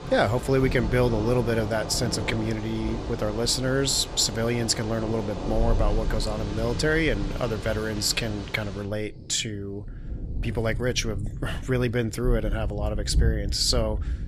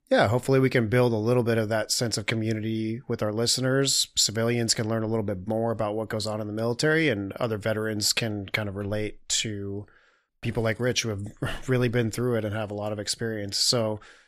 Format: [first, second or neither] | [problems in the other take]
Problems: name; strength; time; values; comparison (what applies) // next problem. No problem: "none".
second | rain or running water; loud; throughout; 6 dB below the speech